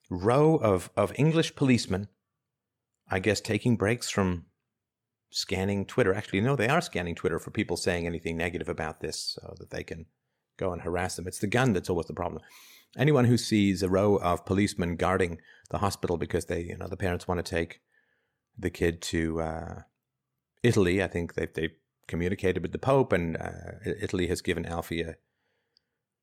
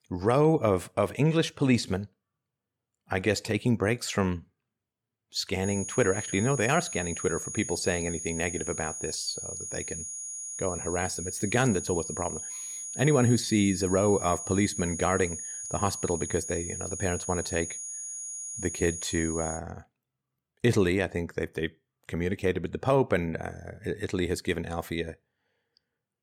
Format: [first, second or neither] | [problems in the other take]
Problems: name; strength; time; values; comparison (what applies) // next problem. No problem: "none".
first | high-pitched whine; loud; from 5.5 to 20 s; 6.5 kHz, 6 dB below the speech